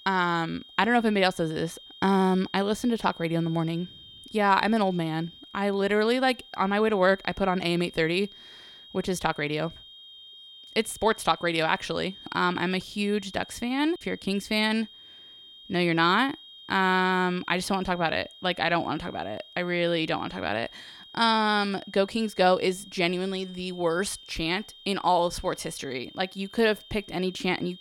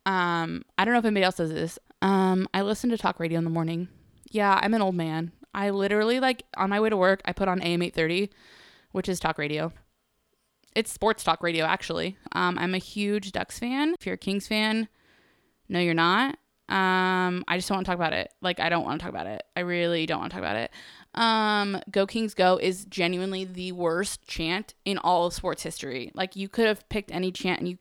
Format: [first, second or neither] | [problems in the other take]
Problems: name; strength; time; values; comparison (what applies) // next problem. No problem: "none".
second | high-pitched whine; noticeable; throughout; 3 kHz, 20 dB below the speech